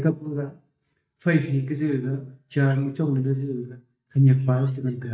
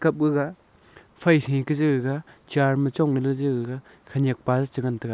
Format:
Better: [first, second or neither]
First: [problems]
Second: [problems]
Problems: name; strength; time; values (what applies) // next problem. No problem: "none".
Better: second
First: noise reduction (neural mask model DeepFilterNet 3)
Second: none